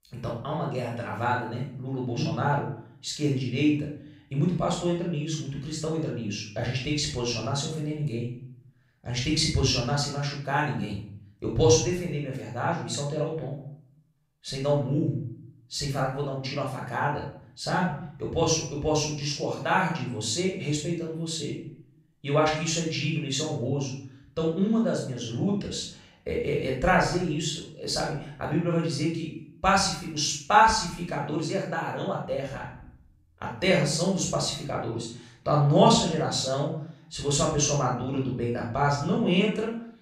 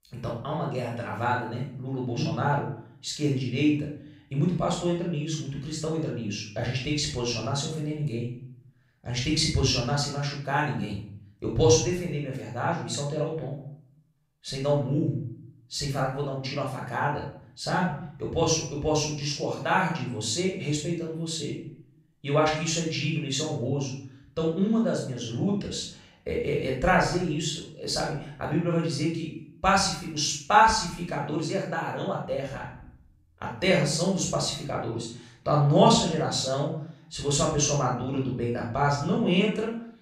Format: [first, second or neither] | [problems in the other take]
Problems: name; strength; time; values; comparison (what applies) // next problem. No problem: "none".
neither | off-mic speech; far; the same in both // room echo; noticeable; dies away in 0.5 s; the same in both